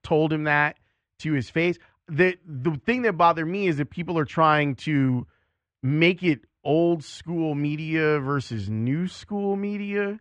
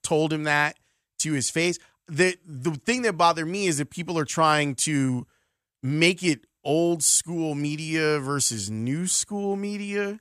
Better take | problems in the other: second | muffled; very; fading above 2.5 kHz

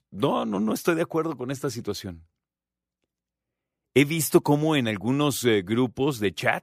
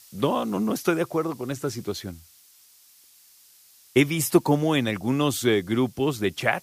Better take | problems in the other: first | hiss; faint; throughout; 25 dB below the speech

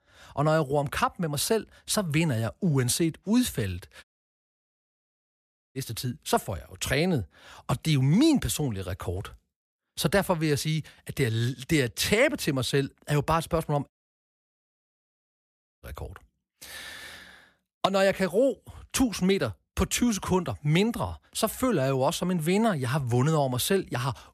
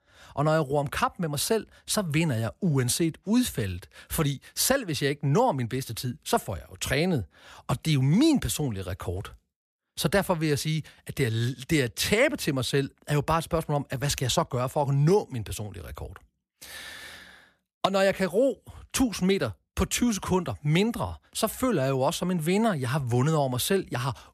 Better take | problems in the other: second | audio cutting out; at 4 s for 1.5 s and at 14 s for 2 s

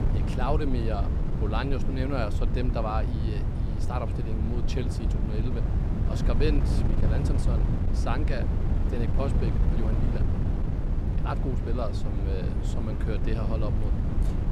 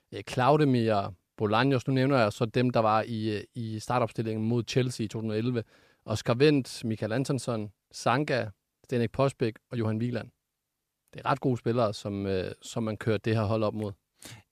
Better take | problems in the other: second | wind noise on the microphone; heavy; 4 dB below the speech

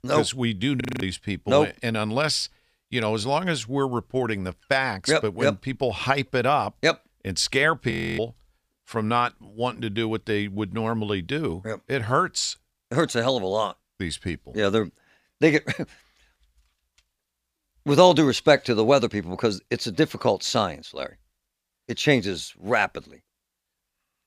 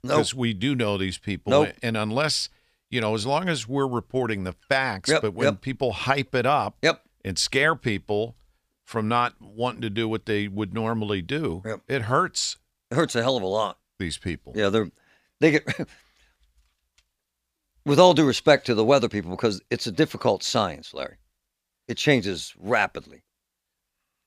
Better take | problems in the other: second | audio freezing; at 1 s and at 8 s

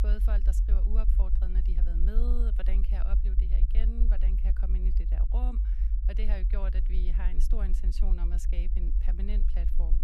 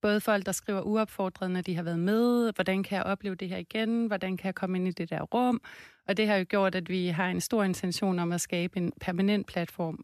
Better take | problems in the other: second | low rumble; loud; throughout; 5 dB below the speech

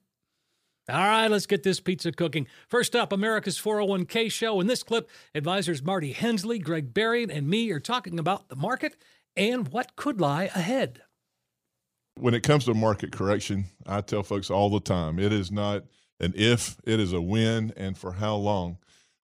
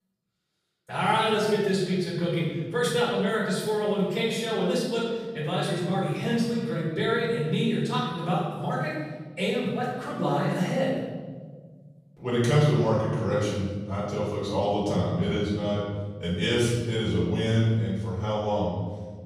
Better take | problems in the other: first | off-mic speech; far // room echo; strong; dies away in 1.7 s

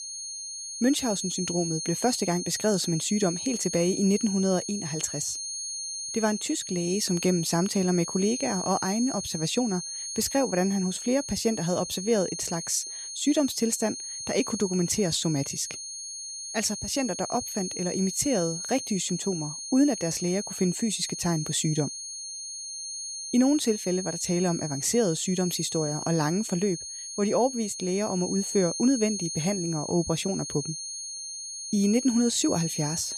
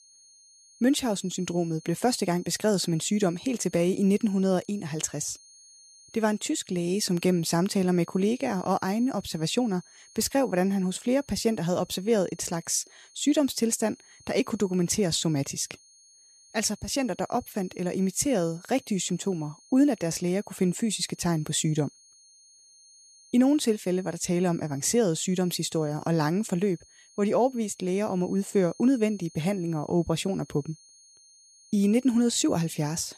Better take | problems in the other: second | high-pitched whine; loud; throughout; 6.5 kHz, 6 dB below the speech; faint in the second

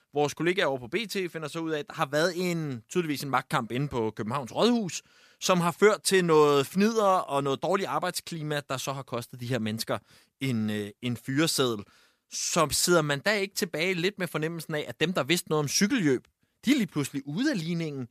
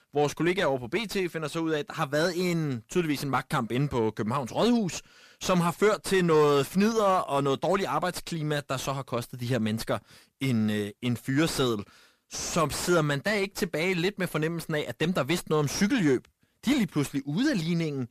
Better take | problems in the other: first | distortion; slight; 9 dB below the speech

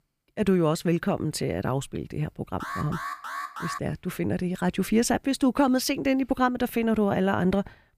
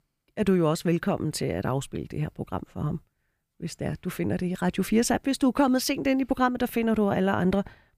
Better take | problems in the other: second | alarm; noticeable; from 2.5 to 4 s; peak 7 dB below the speech

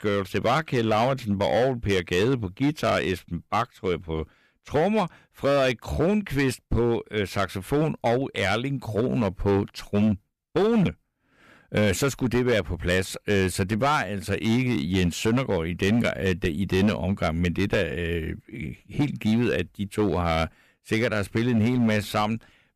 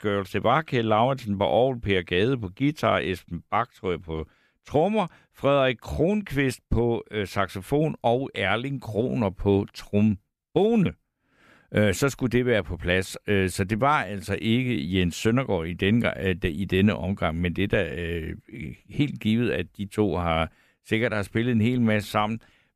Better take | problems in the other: second | distortion; slight; 8% of the sound clipped

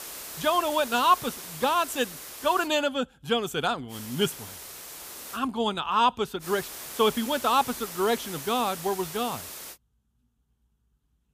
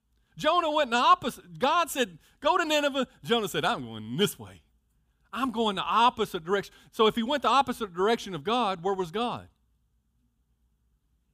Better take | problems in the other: second | hiss; noticeable; until 2.5 s, from 4 to 5.5 s and from 6.5 to 9.5 s; 10 dB below the speech

